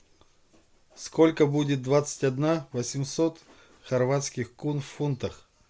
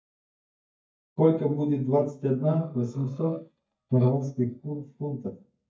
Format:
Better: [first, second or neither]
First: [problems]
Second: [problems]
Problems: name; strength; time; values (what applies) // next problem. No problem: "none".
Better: first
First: none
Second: noise reduction (neural mask model DeepFilterNet 3)